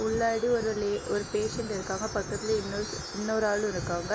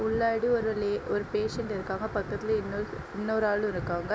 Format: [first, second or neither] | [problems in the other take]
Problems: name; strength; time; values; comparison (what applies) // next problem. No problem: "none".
second | background sound (Wind chime); 14 dB below the speech